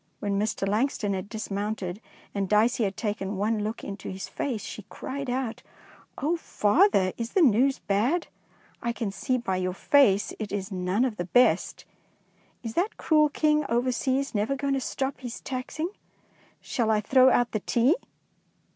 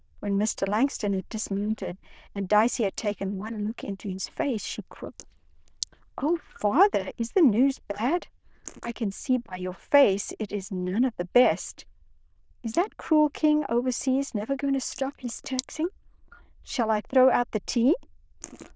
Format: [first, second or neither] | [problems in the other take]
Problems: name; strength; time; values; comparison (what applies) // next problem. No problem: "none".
first | noise reduction (neural diffusion model UNIVERSE++)